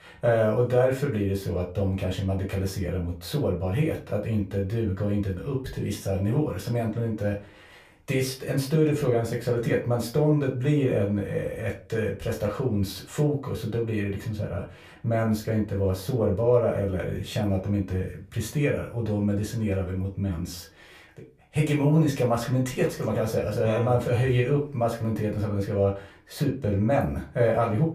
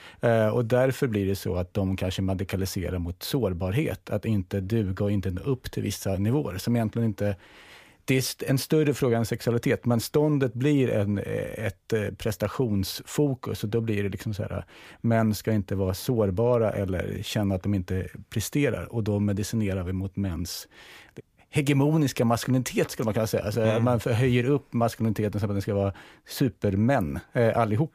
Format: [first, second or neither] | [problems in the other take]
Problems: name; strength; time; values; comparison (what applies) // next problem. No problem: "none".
second | off-mic speech; far // room echo; very slight; dies away in 0.3 s